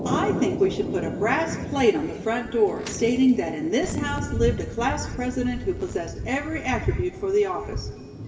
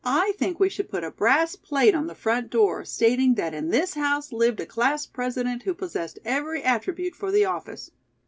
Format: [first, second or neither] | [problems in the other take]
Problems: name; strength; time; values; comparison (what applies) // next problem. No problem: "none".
second | background sound (Thunder); 6 dB below the speech // room echo; dies away in 2.6 s